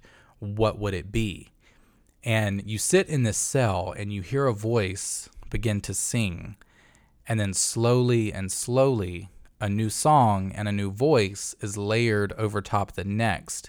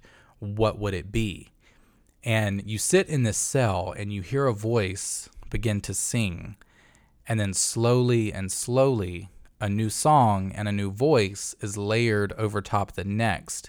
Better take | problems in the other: neither | none

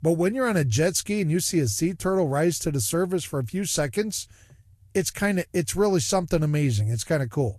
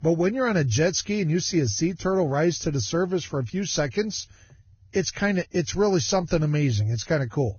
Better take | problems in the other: first | garbled, watery; badly; nothing above 6.5 kHz; slightly in the first

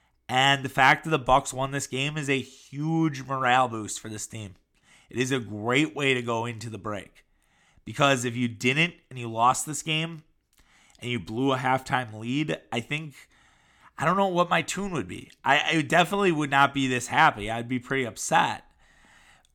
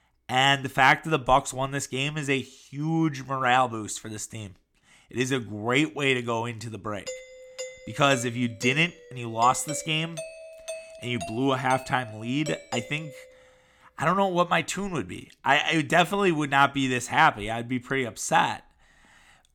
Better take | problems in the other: first | doorbell; faint; from 7 to 13 s; peak 10 dB below the speech

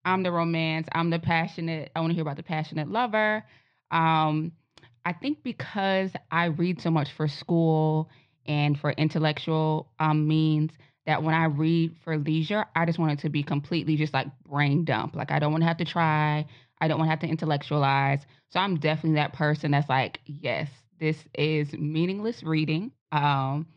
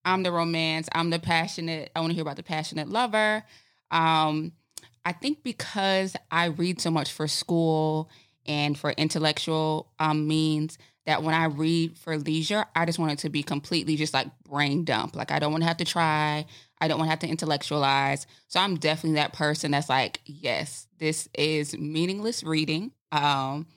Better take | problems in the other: second | muffled; slightly; fading above 3 kHz

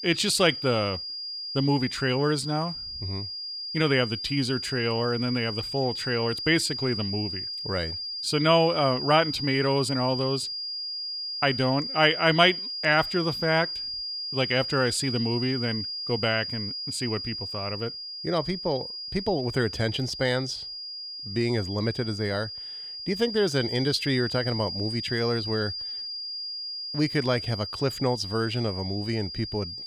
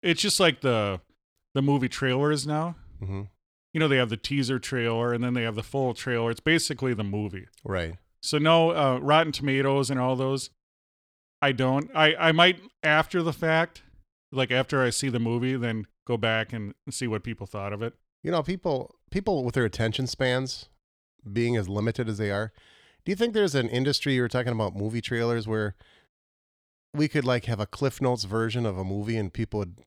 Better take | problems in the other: second | high-pitched whine; loud; throughout; 5 kHz, 5 dB below the speech

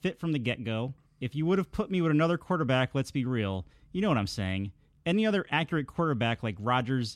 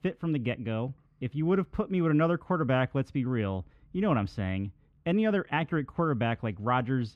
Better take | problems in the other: first | muffled; slightly; fading above 3.5 kHz

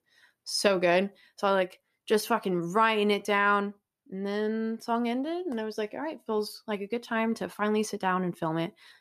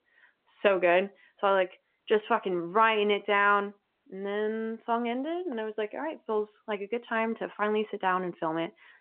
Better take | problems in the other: first | phone-call audio

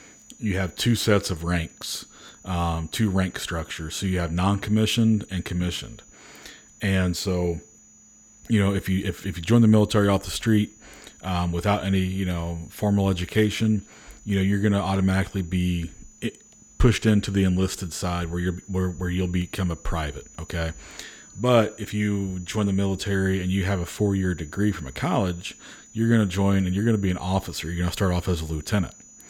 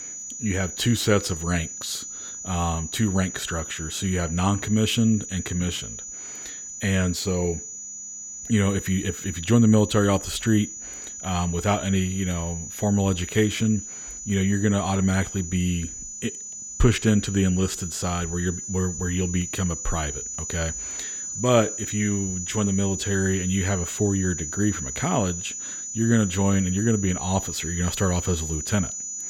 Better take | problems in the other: first | high-pitched whine; loud; throughout; 7 kHz, 7 dB below the speech; faint in the first

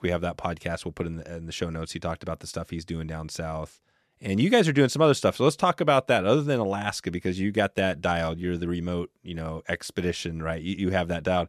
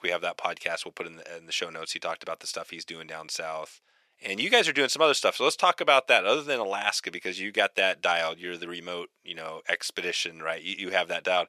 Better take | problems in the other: first | thin; very; fading below 600 Hz

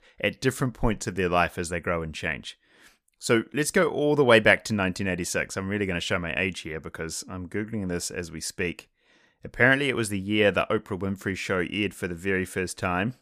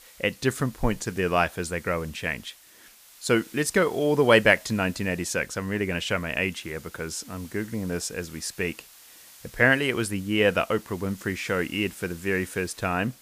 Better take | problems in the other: first | hiss; faint; throughout; 20 dB below the speech

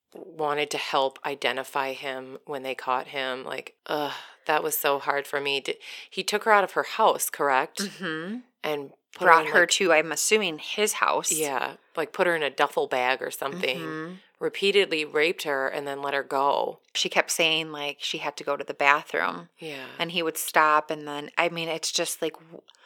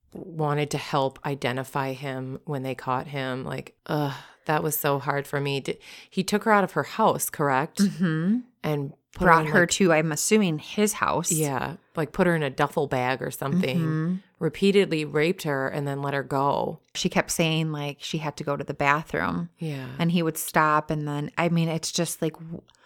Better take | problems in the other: second | thin; somewhat; fading below 450 Hz

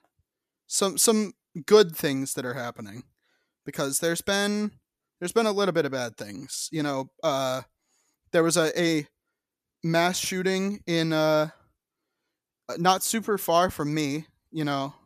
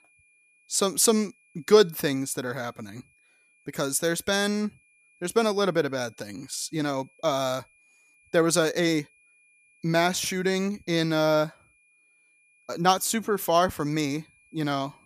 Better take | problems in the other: first | high-pitched whine; faint; throughout; 2.5 kHz, 35 dB below the speech

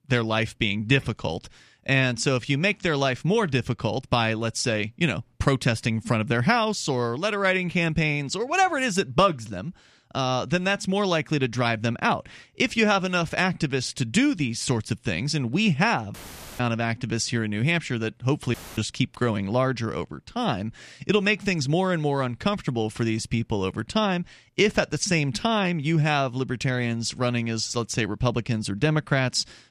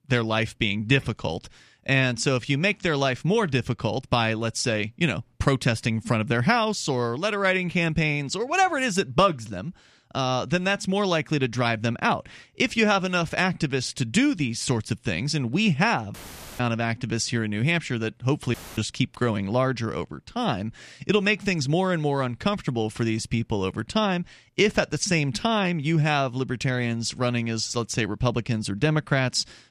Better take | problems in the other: neither | audio cutting out; filled with static; at 16 s and at 19 s; the same in both

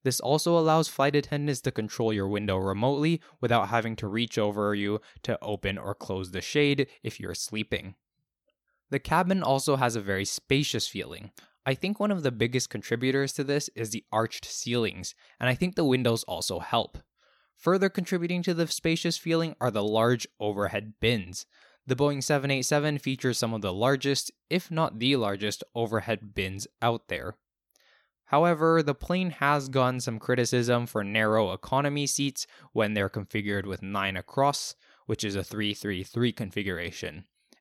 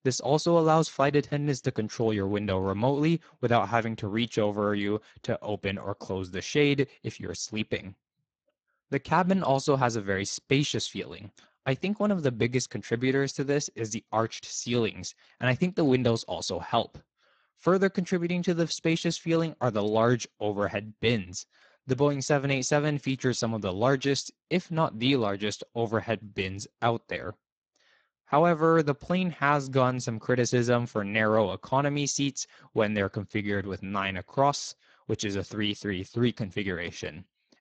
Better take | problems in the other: first | garbled, watery; badly

